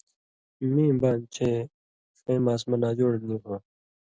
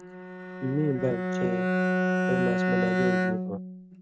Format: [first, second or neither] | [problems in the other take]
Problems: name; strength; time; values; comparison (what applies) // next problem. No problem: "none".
first | noise reduction (neural mask model RNNoise)